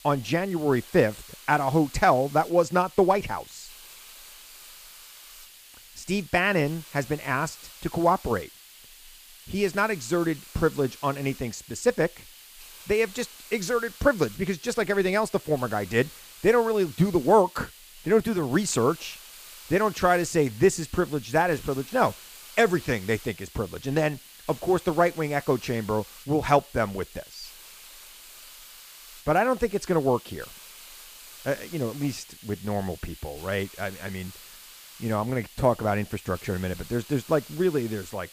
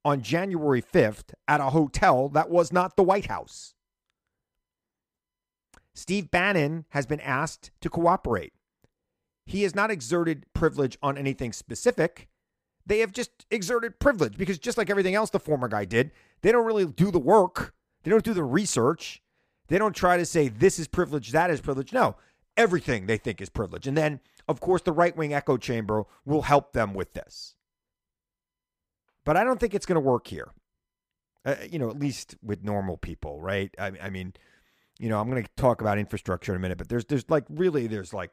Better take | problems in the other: second | hiss; noticeable; throughout; 20 dB below the speech

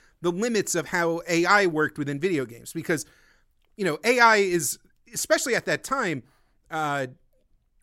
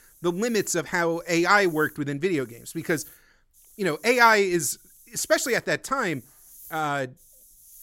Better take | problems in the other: first | hiss; faint; throughout; 25 dB below the speech

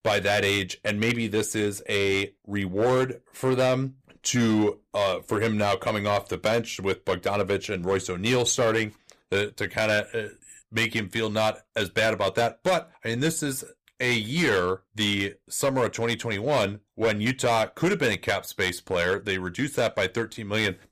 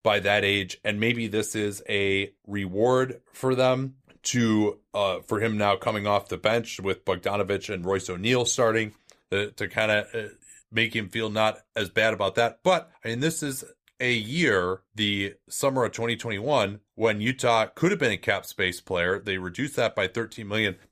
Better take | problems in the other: second | distortion; slight; 6% of the sound clipped

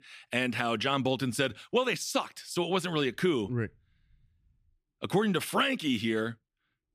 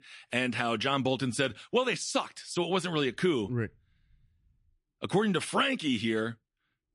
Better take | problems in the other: first | garbled, watery; slightly

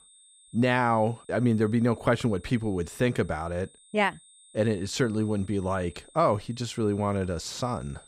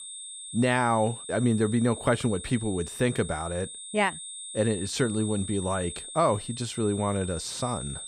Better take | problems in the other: first | high-pitched whine; loud; throughout; 8.5 kHz, 10 dB below the speech; faint in the first

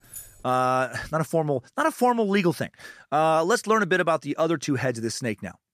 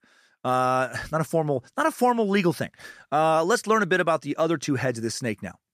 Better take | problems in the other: second | jangling keys; faint; at the start; peak 15 dB below the speech

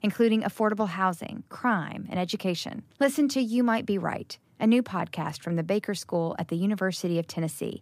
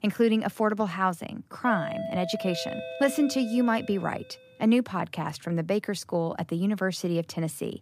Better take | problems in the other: first | doorbell; noticeable; from 1.5 to 4 s; peak 5 dB below the speech

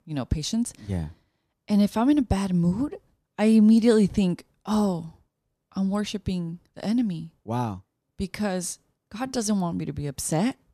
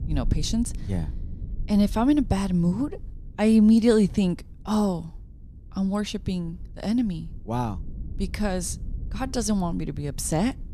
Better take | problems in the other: first | low rumble; faint; throughout; 25 dB below the speech

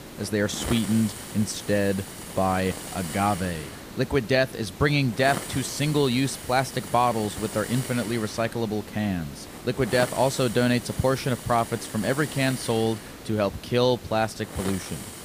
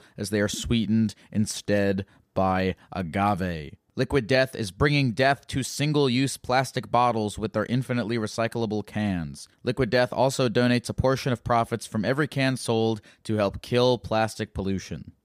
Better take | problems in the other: second | hiss; noticeable; throughout; 10 dB below the speech

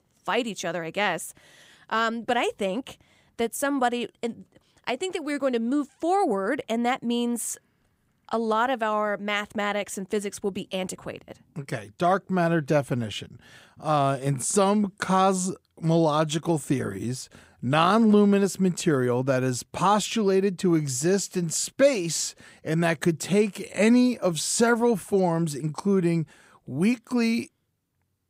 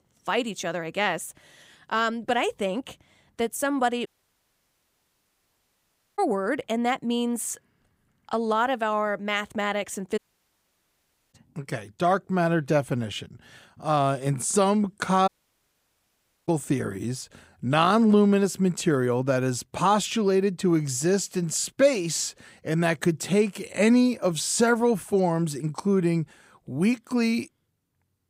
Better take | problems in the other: first | audio cutting out; at 4 s for 2 s, at 10 s for 1 s and at 15 s for 1 s

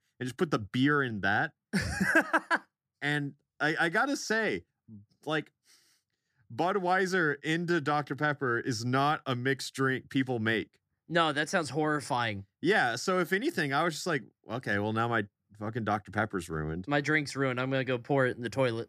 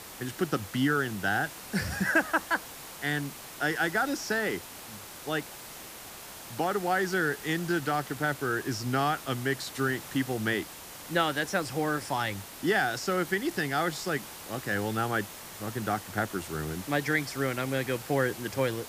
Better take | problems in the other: first | hiss; noticeable; throughout; 10 dB below the speech

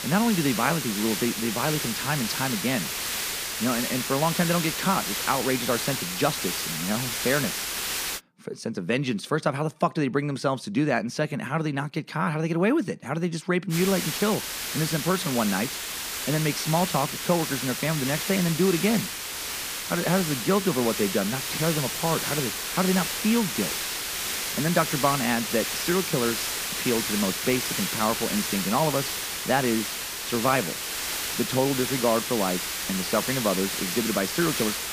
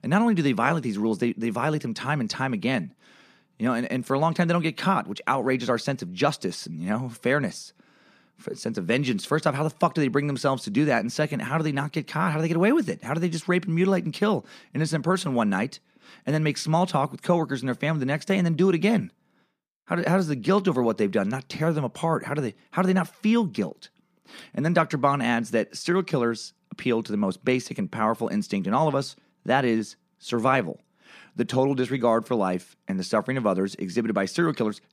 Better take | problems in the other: second | hiss; loud; until 8 s and from 14 s on; 2 dB below the speech

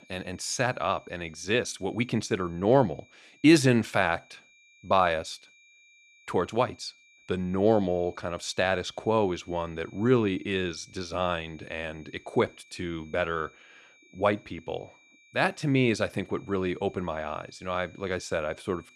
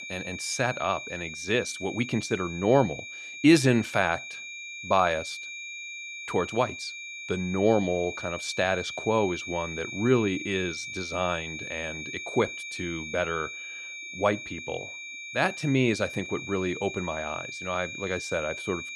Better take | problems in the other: first | high-pitched whine; loud; throughout; 2.5 kHz, 8 dB below the speech; faint in the first

